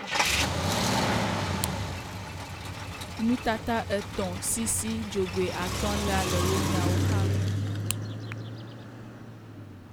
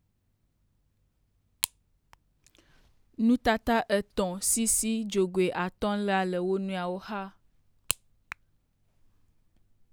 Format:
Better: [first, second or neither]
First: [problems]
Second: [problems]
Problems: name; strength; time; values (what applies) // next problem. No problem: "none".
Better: second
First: background sound (Car); 4 dB above the speech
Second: none